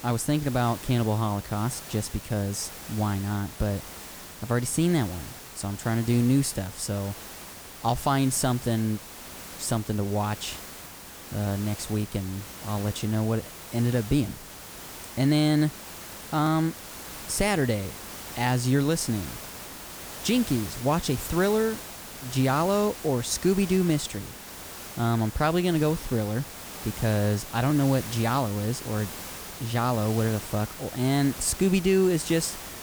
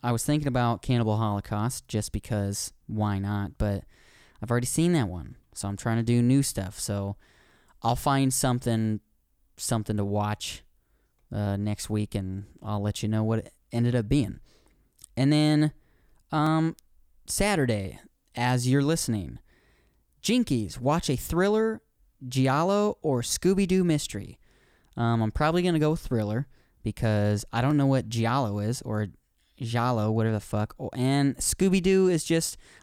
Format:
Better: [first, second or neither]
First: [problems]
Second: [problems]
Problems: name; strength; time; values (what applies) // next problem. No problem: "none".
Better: second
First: hiss; noticeable; throughout; 10 dB below the speech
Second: none